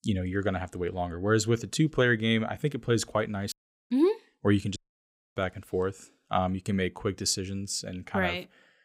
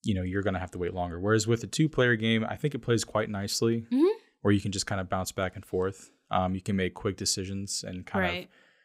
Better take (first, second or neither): second